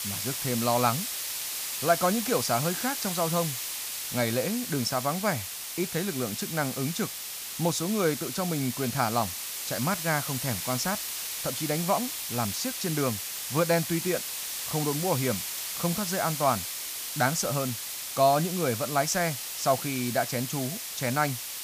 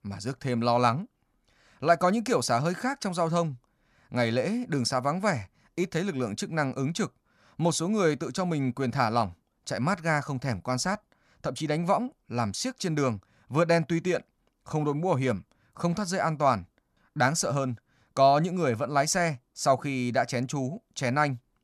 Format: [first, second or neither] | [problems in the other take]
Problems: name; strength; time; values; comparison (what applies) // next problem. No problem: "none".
second | hiss; loud; throughout; 3 dB below the speech